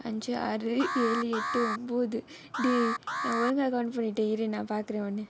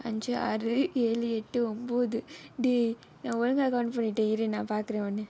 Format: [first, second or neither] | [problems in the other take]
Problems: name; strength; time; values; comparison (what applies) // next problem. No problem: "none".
second | background sound (Alarm); 5 dB below the speech